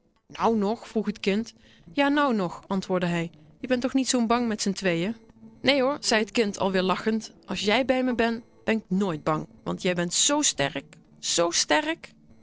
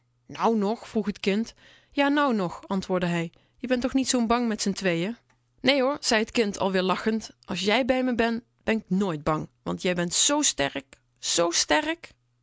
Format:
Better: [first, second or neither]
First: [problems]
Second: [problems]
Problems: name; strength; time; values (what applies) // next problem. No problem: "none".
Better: second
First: noise reduction (neural separator model SepFormer DNS4)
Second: none